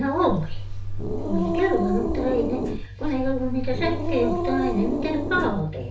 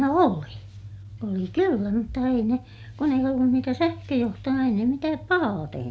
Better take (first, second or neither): second